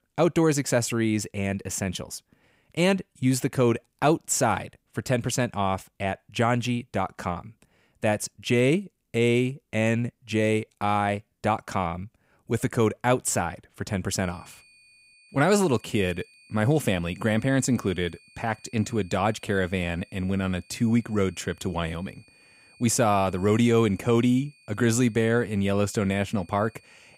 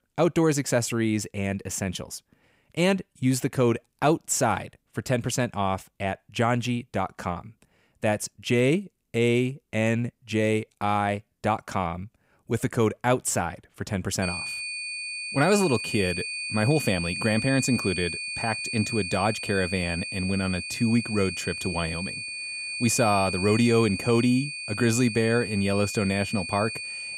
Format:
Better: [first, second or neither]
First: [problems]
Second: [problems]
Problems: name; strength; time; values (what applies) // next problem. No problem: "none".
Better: first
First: high-pitched whine; faint; from 14 s on; 2.5 kHz, 30 dB below the speech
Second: high-pitched whine; loud; from 14 s on; 2.5 kHz, 5 dB below the speech